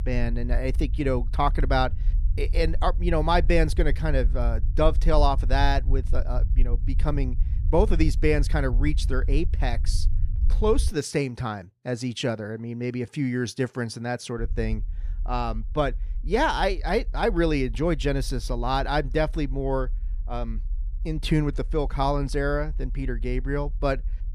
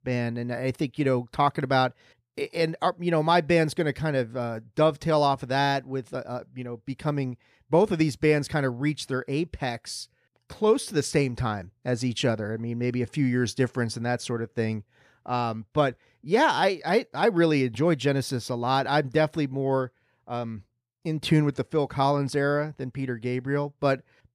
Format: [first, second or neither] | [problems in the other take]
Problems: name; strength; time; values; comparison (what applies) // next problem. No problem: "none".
second | low rumble; faint; until 11 s and from 14 s on; 20 dB below the speech